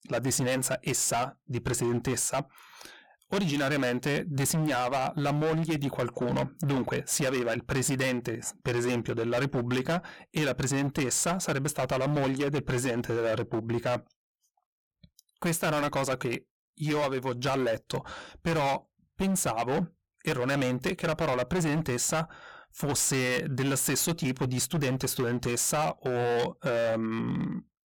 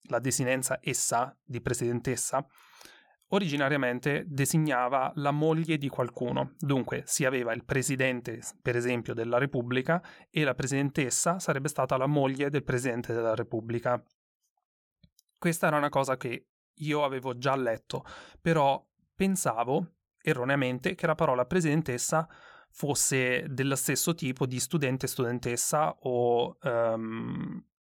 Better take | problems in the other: second | distortion; heavy; 20% of the sound clipped

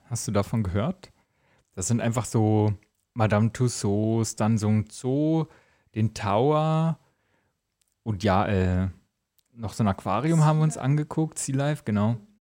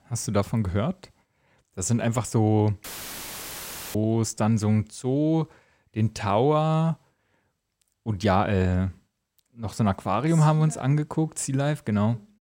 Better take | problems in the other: first | audio cutting out; filled with static; at 3 s for 1 s

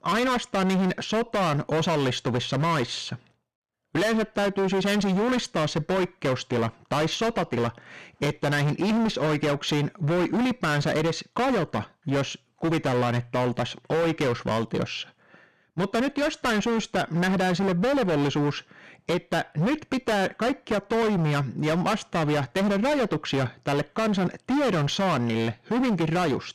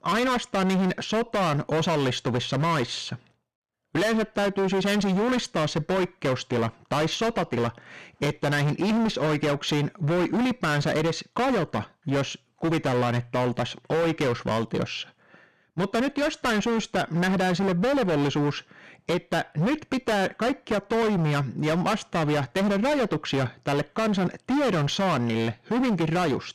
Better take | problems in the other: neither | distortion; heavy; 27% of the sound clipped; the same in both

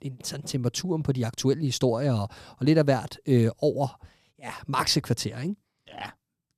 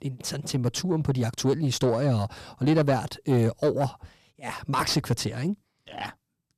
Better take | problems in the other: first | distortion; slight; 10 dB below the speech

